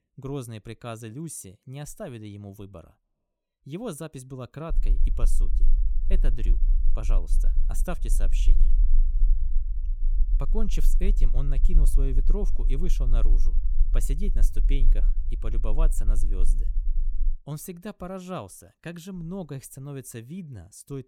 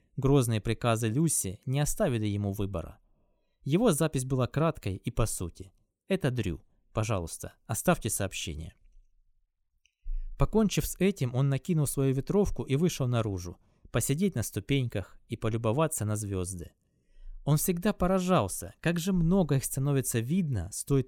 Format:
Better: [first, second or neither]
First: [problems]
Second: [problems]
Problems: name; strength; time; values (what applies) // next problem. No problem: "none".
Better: second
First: low rumble; noticeable; from 4.5 to 17 s; 15 dB below the speech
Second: none